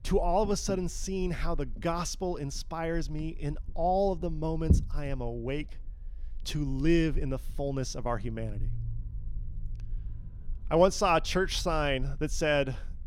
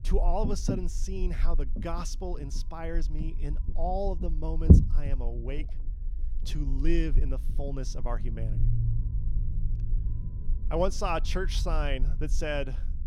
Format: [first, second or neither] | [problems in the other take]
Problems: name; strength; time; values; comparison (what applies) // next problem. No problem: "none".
first | low rumble; loud; throughout; 8 dB below the speech; faint in the first